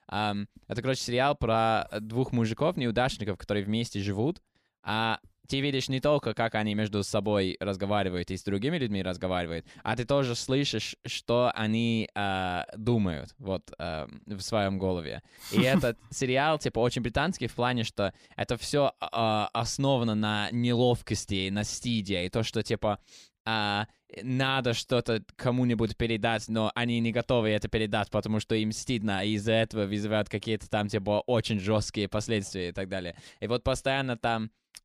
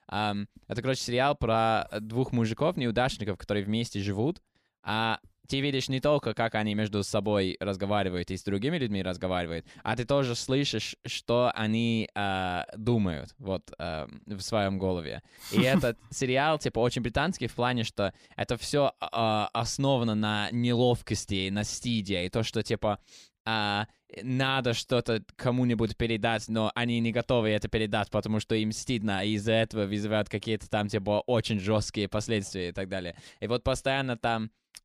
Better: neither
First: none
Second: none

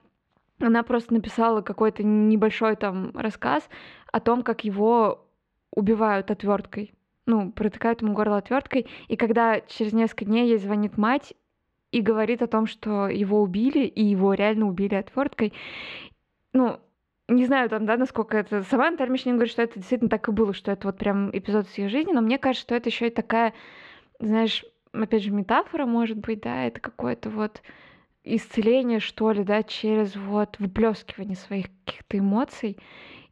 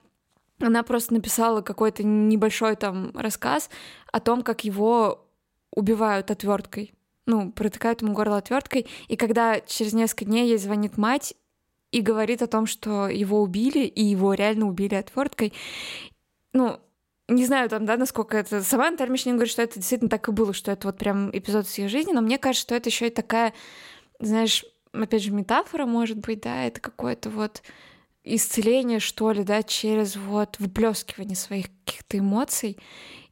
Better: second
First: muffled; slightly; fading above 3 kHz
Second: none

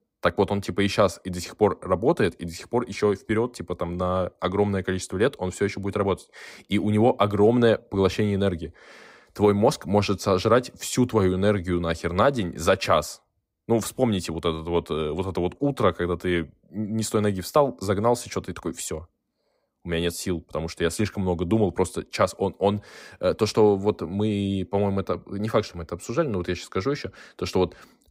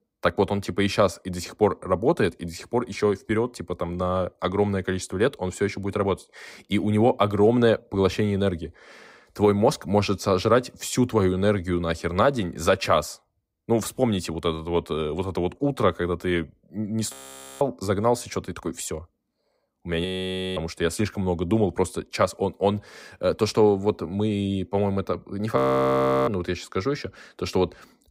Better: first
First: none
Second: audio freezing; at 17 s, at 20 s for 0.5 s and at 26 s for 0.5 s

